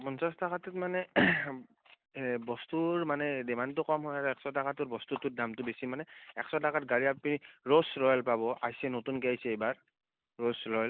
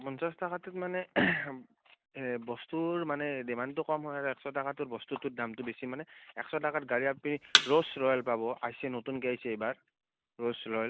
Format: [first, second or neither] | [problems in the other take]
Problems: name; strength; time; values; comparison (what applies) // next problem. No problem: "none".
first | background sound (Thump, thud); 4 dB above the speech